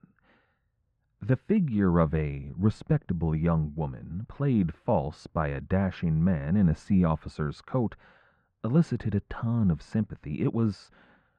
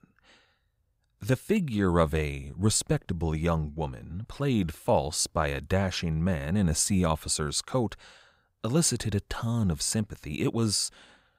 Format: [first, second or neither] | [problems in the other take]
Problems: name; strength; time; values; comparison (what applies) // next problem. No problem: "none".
second | muffled; very; fading above 1.5 kHz